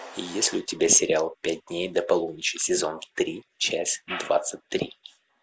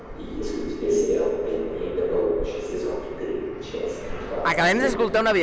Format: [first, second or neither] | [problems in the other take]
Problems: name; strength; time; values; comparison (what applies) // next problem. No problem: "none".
first | background sound (Fixed-wing aircraft, airplane); as loud as the speech // room echo; dies away in 2.2 s